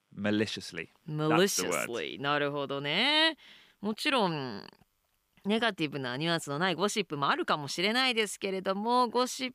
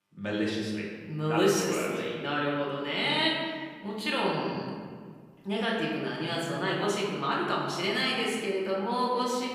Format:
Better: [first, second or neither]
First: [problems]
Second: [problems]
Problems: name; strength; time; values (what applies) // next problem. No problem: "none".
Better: first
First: none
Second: off-mic speech; far // room echo; noticeable; dies away in 1.7 s